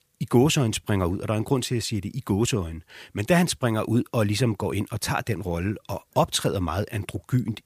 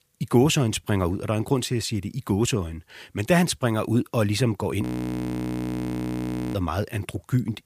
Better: first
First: none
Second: audio freezing; at 5 s for 1.5 s

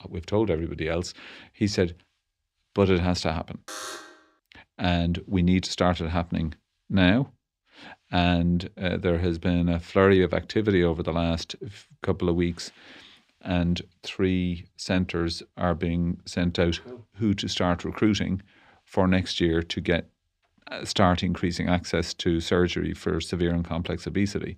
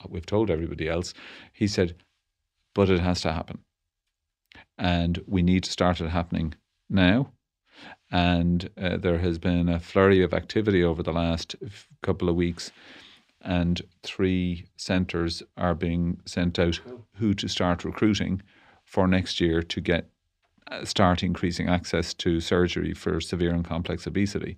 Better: second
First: alarm; noticeable; at 3.5 s; peak 10 dB below the speech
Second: none

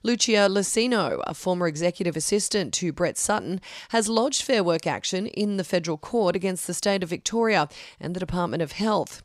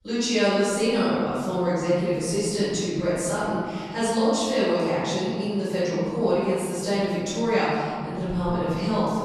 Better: first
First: none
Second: off-mic speech; far // room echo; strong; dies away in 2.2 s

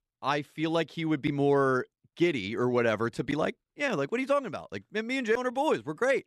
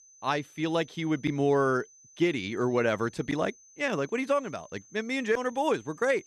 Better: first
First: none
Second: high-pitched whine; faint; throughout; 6 kHz, 25 dB below the speech

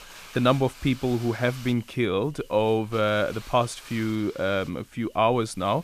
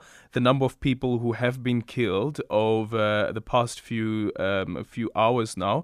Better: second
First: hiss; faint; throughout; 20 dB below the speech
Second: none

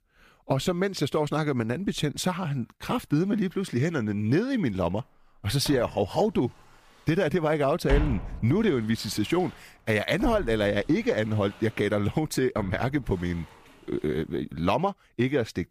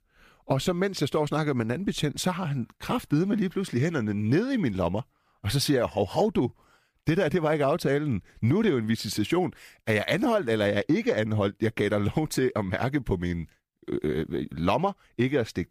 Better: second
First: footsteps; noticeable; from 5.5 to 13 s; peak 2 dB below the speech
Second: none

